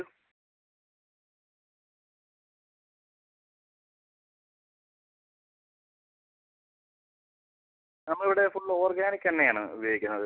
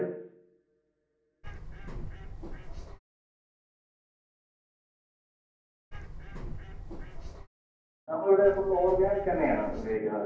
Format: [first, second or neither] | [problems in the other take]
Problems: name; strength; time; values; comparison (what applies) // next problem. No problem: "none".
first | background sound (Bird); 7 dB below the speech // room echo; dies away in 0.9 s